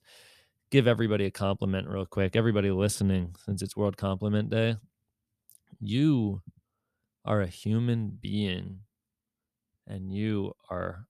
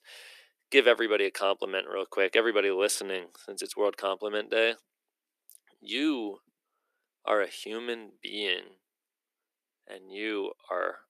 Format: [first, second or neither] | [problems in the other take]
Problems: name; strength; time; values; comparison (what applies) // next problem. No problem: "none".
first | thin; very; fading below 350 Hz